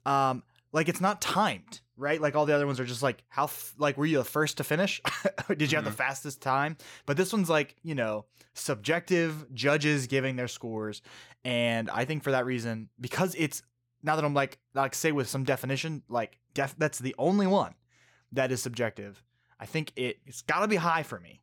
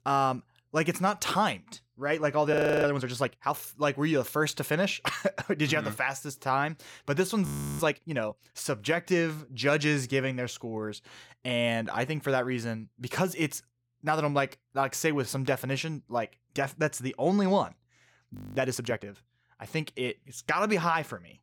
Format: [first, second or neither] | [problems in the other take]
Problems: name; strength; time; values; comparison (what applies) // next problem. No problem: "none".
first | audio freezing; at 2.5 s, at 7.5 s and at 18 s